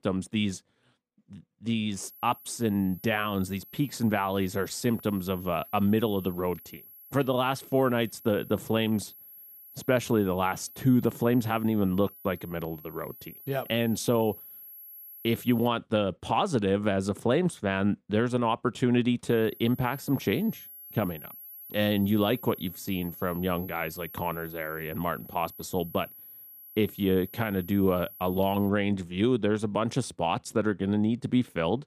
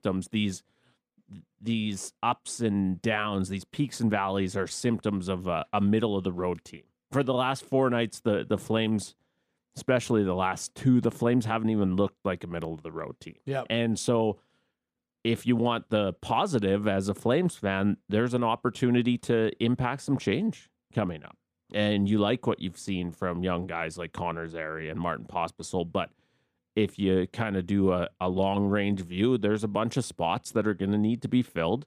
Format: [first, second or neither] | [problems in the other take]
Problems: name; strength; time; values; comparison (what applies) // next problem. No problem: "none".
second | high-pitched whine; noticeable; from 2 to 16 s and from 19 to 29 s; 11.5 kHz, 15 dB below the speech